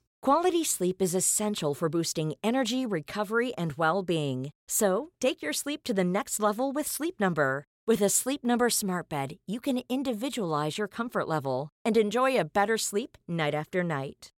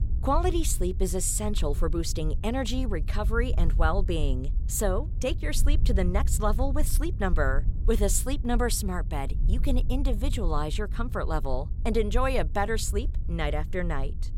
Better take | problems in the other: first | low rumble; noticeable; throughout; 20 dB below the speech

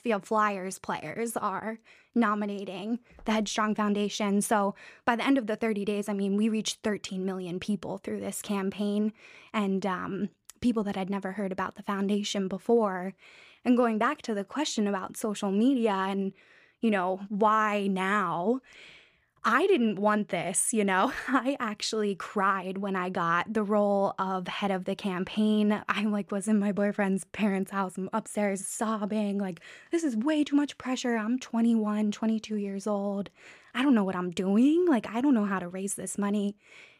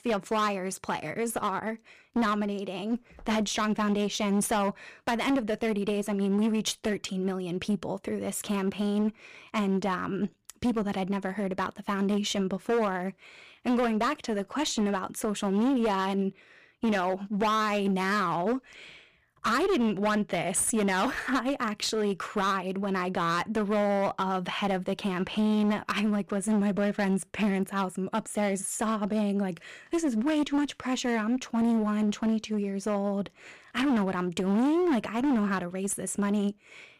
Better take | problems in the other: first | distortion; slight; 14% of the sound clipped

